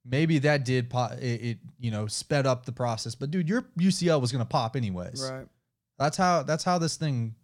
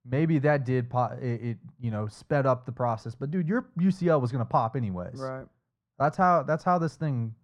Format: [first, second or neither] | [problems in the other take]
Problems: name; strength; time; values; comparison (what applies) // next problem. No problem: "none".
first | muffled; very; fading above 2.5 kHz